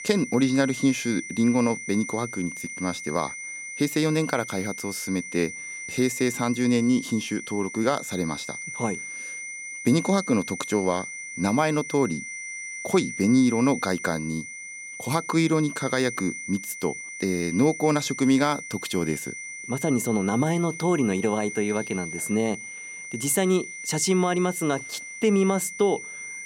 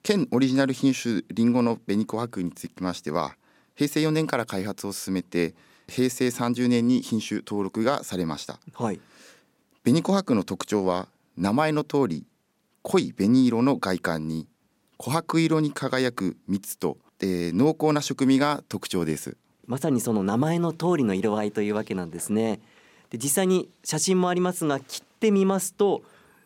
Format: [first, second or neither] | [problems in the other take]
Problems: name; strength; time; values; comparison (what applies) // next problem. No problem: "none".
second | high-pitched whine; loud; throughout; 2 kHz, 9 dB below the speech